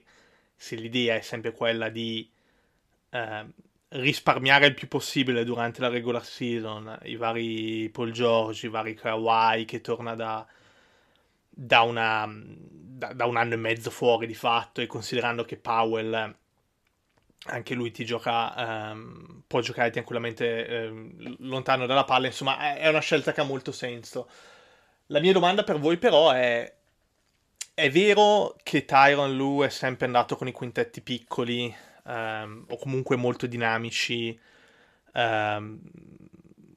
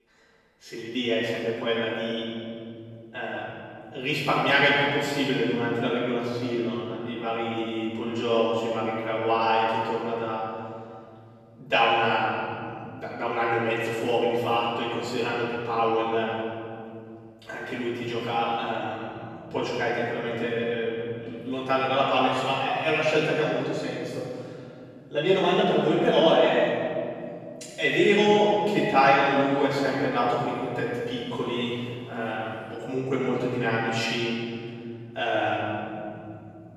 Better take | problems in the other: first | off-mic speech; far // room echo; strong; dies away in 2.8 s

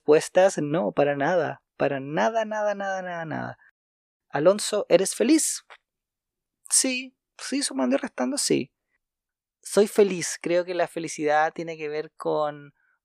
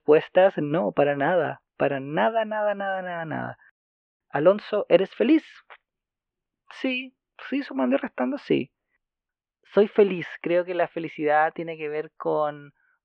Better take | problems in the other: first | muffled; very; fading above 3 kHz

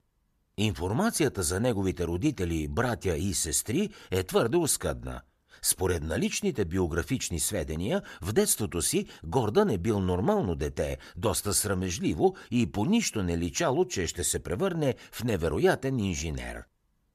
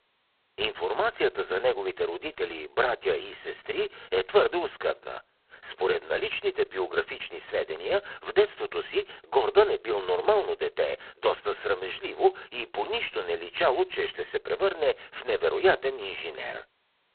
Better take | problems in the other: first | phone-call audio; poor line; nothing above 4 kHz

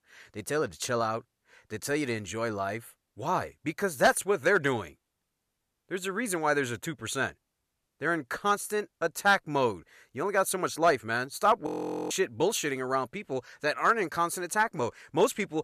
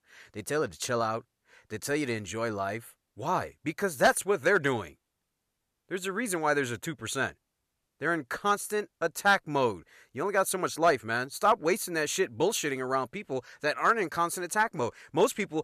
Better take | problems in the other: second | audio freezing; at 12 s

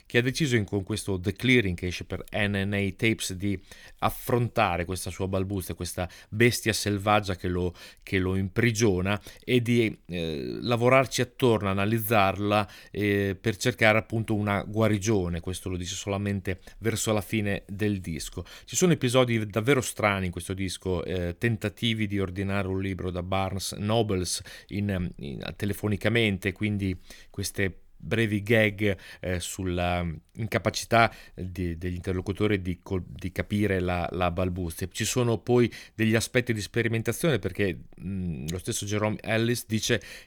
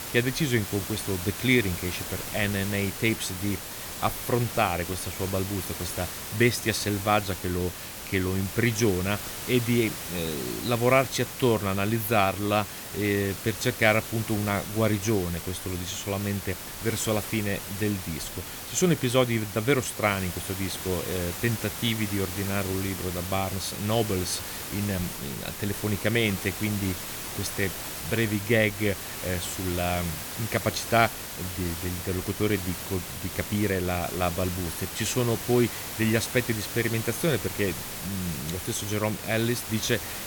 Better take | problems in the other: first | hiss; loud; throughout; 7 dB below the speech

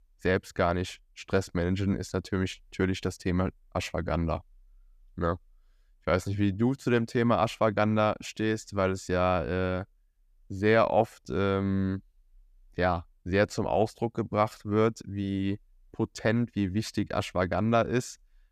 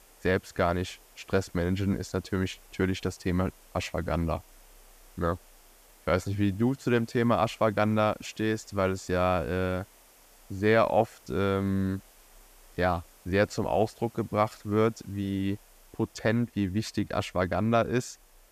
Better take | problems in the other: first | hiss; faint; throughout; 25 dB below the speech

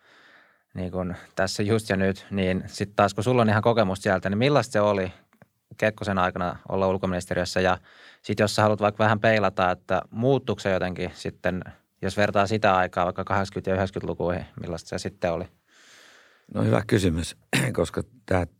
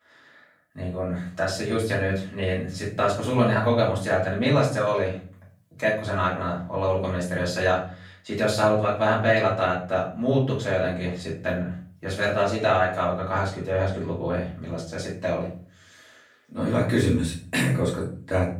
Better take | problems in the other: first | off-mic speech; far // room echo; noticeable; dies away in 0.4 s

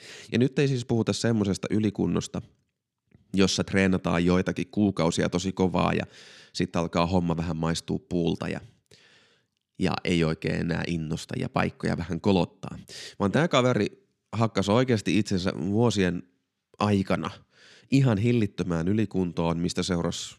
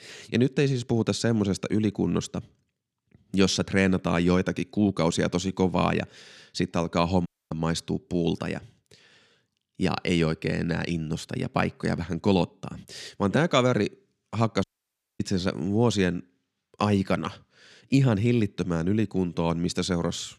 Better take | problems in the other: first | audio cutting out; at 7.5 s and at 15 s for 0.5 s

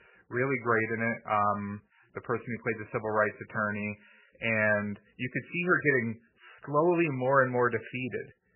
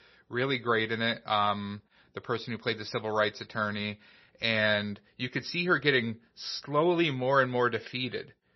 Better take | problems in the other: second | garbled, watery; badly; nothing above 2.5 kHz; slightly in the second

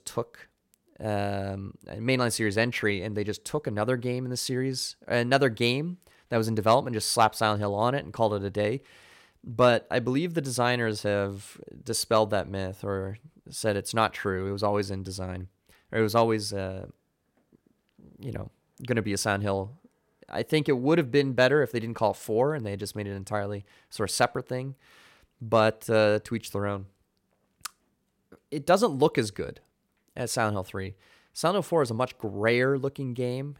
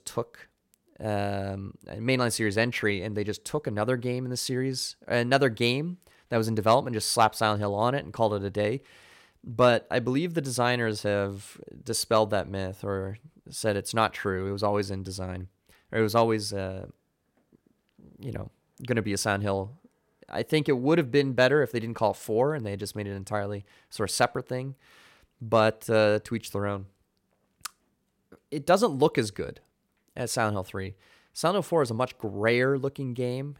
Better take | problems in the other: neither | none

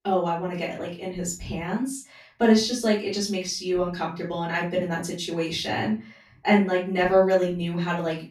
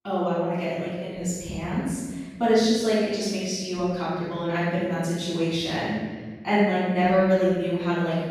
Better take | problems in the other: first | room echo; strong; dies away in 1.6 s; slight in the first // off-mic speech; far; far in the first

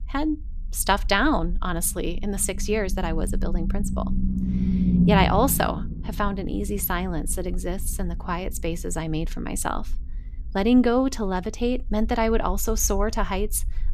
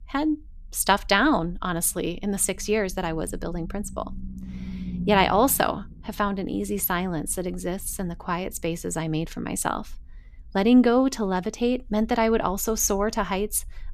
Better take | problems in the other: second | low rumble; loud; throughout; 10 dB below the speech; faint in the second

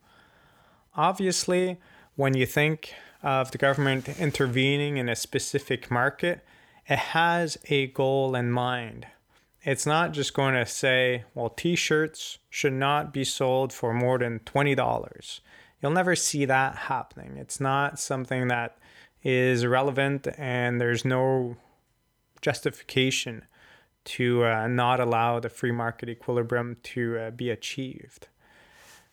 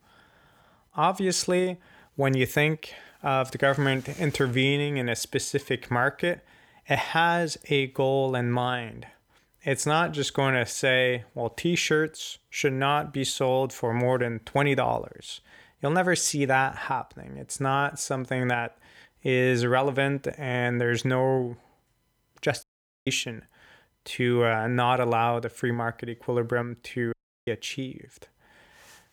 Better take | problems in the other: first | audio cutting out; at 23 s and at 27 s

